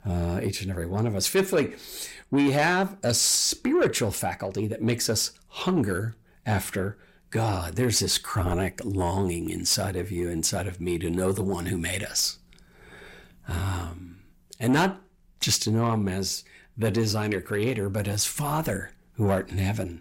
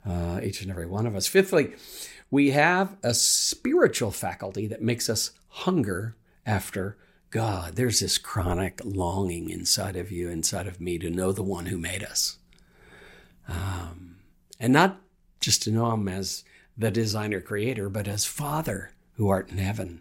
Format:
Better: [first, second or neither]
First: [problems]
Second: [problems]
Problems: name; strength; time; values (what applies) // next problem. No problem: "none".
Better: second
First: distortion; slight; 10 dB below the speech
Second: none